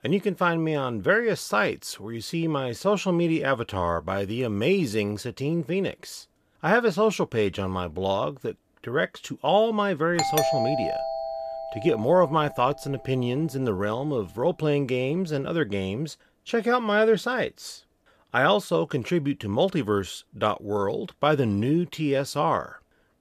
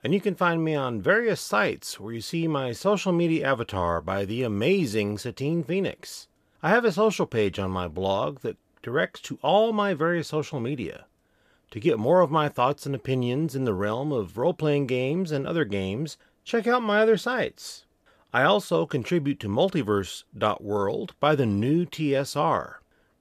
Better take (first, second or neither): second